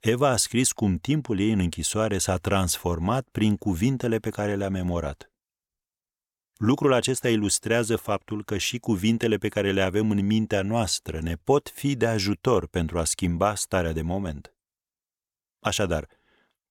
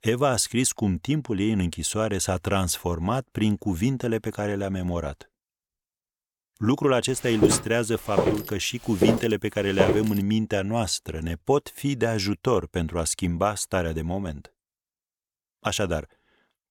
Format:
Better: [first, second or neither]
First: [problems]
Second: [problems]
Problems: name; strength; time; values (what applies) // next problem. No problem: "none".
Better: first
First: none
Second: footsteps; loud; from 7.5 to 10 s; peak 2 dB above the speech